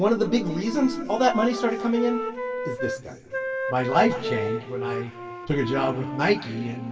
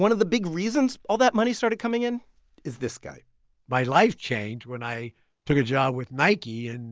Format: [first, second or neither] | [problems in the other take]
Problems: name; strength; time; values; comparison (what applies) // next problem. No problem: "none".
second | background sound (Wind instrument, woodwind instrument); 6 dB below the speech // room echo; dies away in 2.1 s